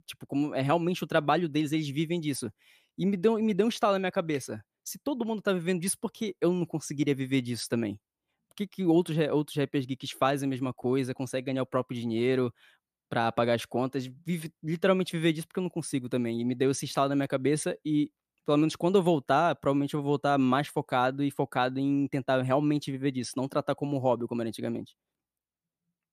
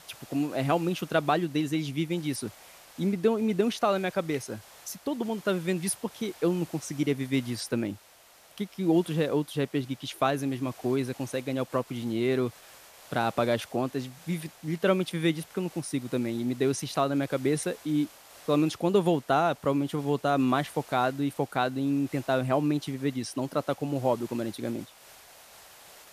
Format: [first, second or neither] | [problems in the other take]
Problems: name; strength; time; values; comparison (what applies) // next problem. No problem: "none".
first | hiss; faint; throughout; 20 dB below the speech